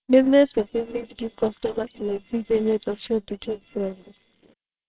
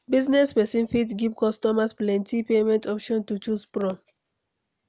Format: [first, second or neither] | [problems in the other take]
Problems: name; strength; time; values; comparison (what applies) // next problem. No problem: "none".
second | noise reduction (neural separator model SepFormer WHAMR!)